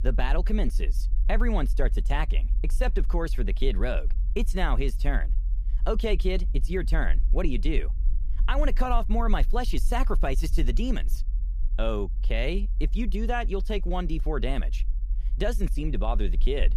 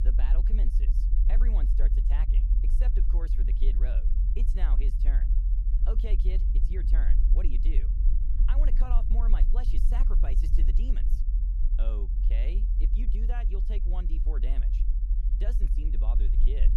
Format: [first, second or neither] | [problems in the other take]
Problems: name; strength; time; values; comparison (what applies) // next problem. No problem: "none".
first | low rumble; loud; throughout; 4 dB below the speech; faint in the first